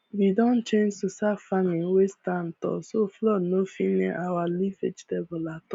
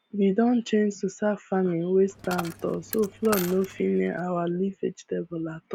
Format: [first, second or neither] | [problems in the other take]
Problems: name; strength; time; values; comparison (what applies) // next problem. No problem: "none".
first | background sound (Coin (dropping)); 13 dB below the speech